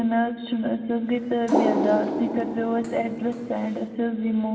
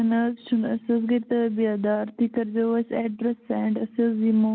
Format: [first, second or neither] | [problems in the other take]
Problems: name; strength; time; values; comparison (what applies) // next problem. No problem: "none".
second | background sound (Water); 3 dB below the speech // room echo; dies away in 2.4 s